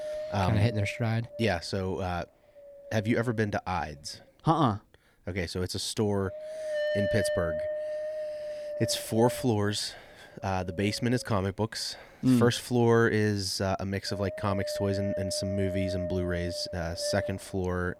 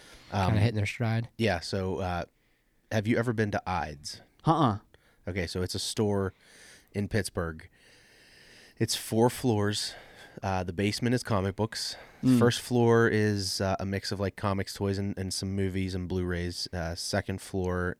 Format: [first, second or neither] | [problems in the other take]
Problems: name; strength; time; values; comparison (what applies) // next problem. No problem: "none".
second | wind noise on the microphone; heavy; 3 dB below the speech